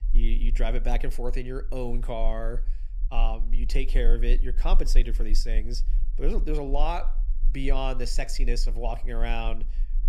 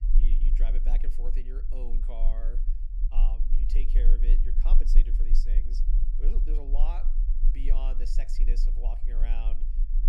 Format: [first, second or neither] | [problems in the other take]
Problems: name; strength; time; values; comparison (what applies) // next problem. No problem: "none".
first | low rumble; loud; throughout; 8 dB below the speech; faint in the first